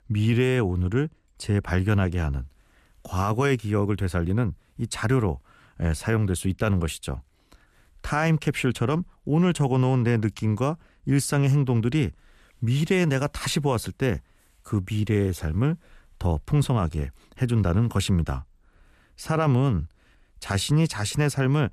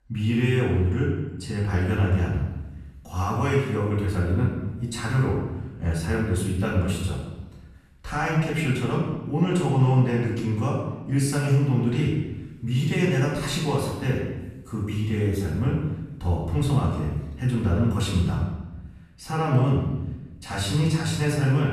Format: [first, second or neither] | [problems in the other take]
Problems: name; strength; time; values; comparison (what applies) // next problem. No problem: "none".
first | off-mic speech; far // room echo; noticeable; dies away in 0.9 s